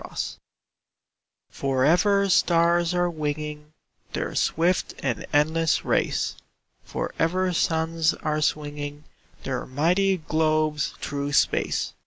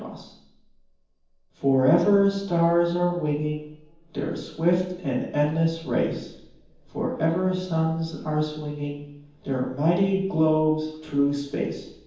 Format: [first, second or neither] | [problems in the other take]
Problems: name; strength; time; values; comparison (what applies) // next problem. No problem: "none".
first | room echo; dies away in 0.9 s